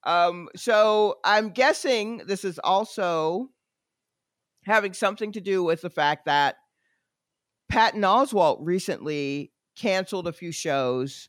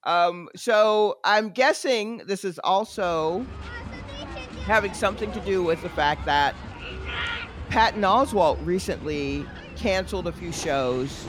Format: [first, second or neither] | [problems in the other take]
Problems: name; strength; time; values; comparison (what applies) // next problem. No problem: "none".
first | animal sounds; noticeable; from 3.5 s on; 10 dB below the speech